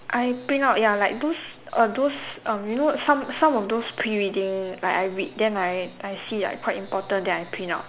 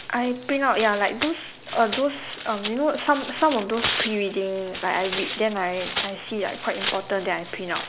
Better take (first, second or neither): first